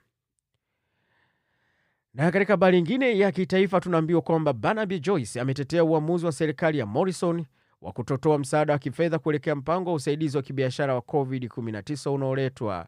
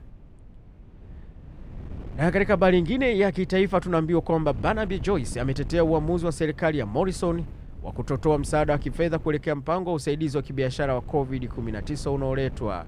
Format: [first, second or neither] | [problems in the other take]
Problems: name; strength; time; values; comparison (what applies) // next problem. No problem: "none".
first | wind noise on the microphone; occasional gusts; 25 dB below the speech